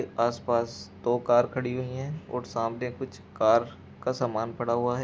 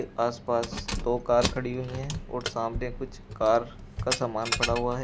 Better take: first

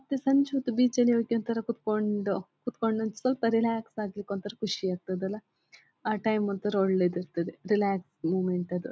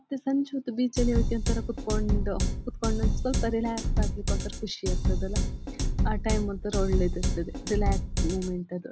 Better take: first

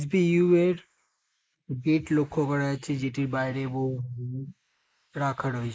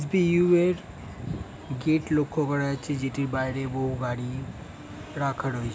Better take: second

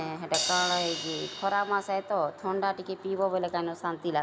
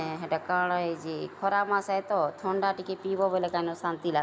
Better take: second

